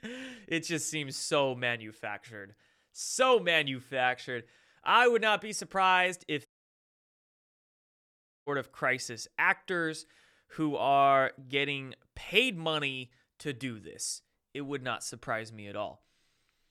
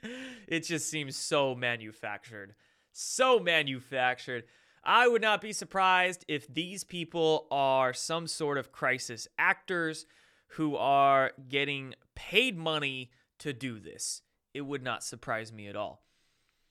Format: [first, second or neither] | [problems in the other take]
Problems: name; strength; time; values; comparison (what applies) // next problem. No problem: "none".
second | audio cutting out; at 6.5 s for 2 s